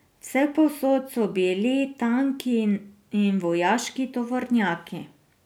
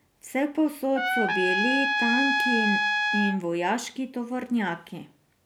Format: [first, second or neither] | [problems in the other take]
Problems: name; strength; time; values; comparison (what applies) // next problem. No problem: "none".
first | background sound (Trumpet); 2 dB above the speech